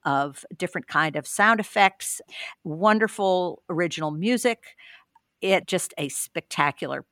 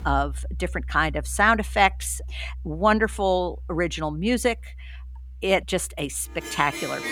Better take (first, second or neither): first